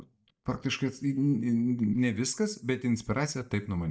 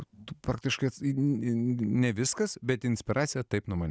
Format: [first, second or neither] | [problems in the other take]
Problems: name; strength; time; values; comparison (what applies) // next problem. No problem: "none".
second | noise reduction (neural mask model DeepFilterNet 3)